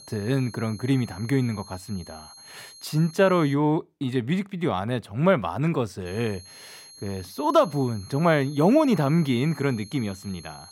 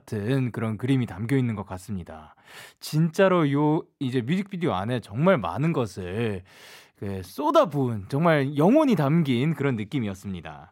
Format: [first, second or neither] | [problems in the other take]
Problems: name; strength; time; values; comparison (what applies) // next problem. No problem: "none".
second | high-pitched whine; faint; until 3.5 s and from 6 s on; 4 kHz, 20 dB below the speech